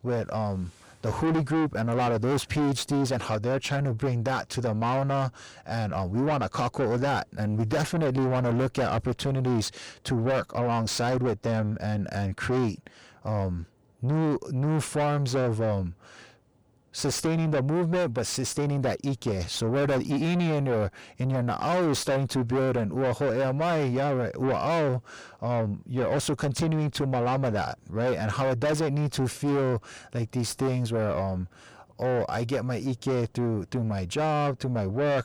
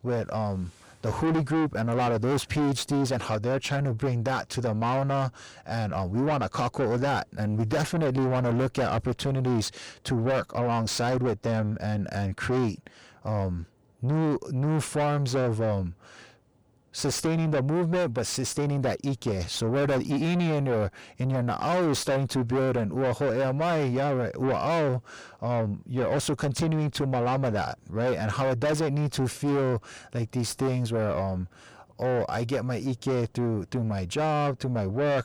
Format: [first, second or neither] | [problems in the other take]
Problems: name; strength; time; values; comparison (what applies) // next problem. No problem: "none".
neither | distortion; heavy; 6 dB below the speech; the same in both